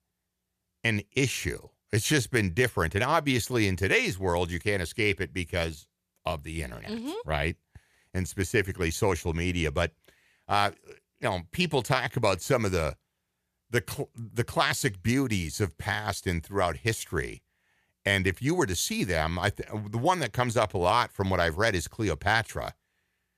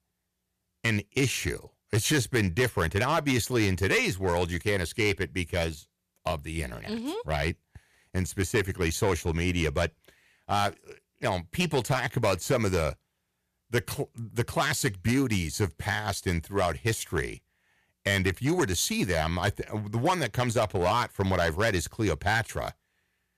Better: first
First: none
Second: distortion; slight; 4% of the sound clipped

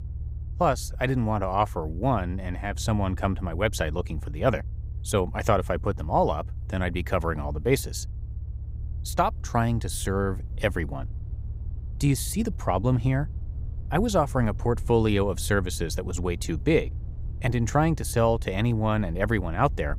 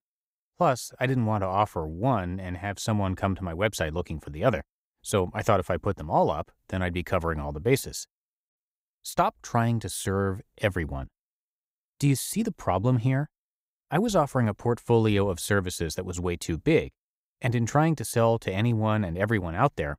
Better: second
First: low rumble; faint; throughout; 25 dB below the speech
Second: none

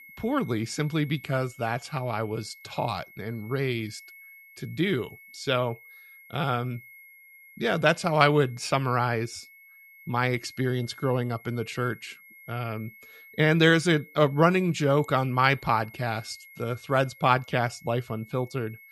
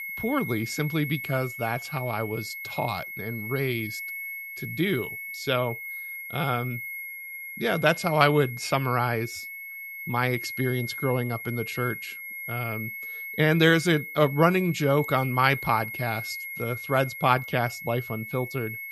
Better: first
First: high-pitched whine; faint; throughout; 2 kHz, 20 dB below the speech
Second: high-pitched whine; loud; throughout; 2 kHz, 8 dB below the speech

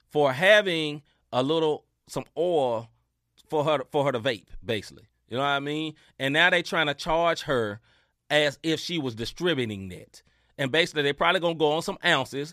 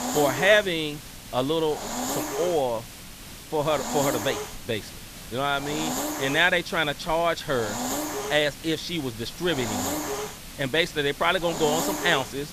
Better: first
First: none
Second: hiss; loud; throughout; 7 dB below the speech

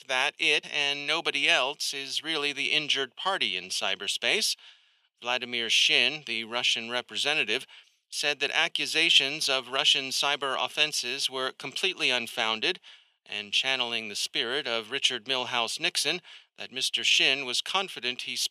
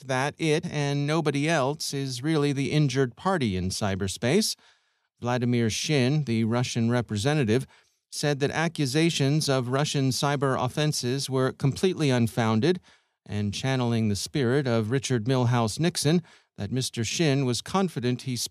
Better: second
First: thin; very; fading below 600 Hz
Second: none

